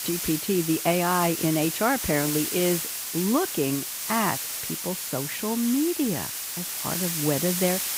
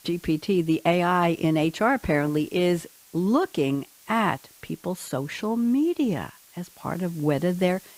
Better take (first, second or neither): second